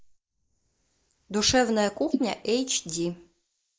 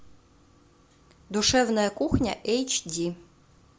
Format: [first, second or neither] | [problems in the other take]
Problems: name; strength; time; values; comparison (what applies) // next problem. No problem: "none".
second | noise reduction (neural mask model Resemble Enhance denoiser)